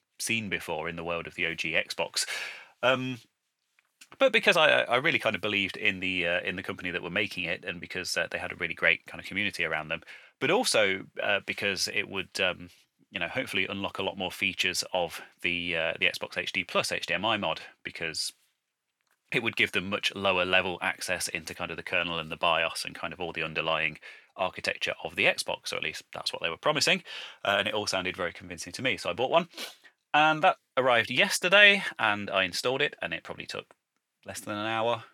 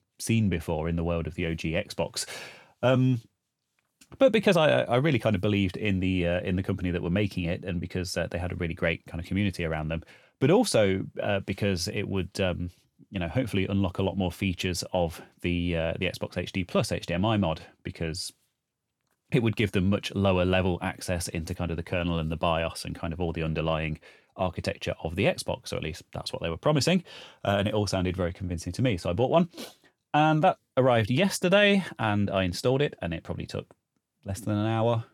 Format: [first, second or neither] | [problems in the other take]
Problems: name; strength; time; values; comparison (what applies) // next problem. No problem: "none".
second | thin; somewhat; fading below 800 Hz